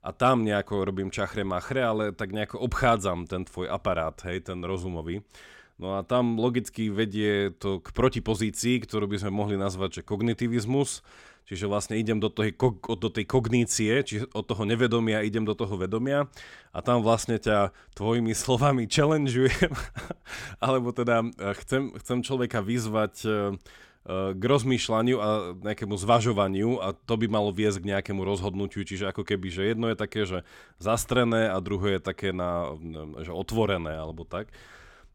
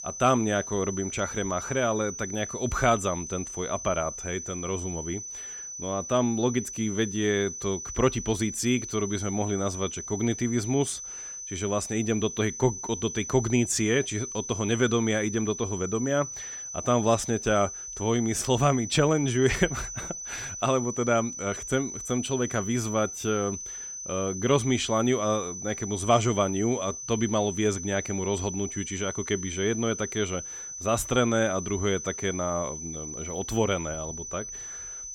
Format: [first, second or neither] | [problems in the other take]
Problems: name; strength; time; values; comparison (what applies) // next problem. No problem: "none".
first | high-pitched whine; loud; throughout; 6 kHz, 8 dB below the speech